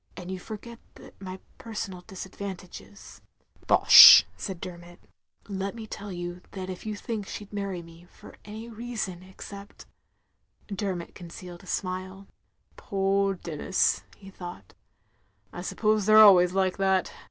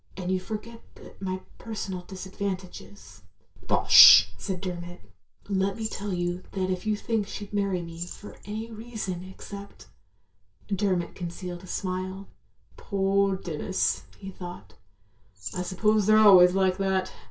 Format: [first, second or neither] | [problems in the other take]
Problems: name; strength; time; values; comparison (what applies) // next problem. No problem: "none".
first | background sound (Rattle / Keys jangling); 19 dB below the speech // room echo; dies away in 0.2 s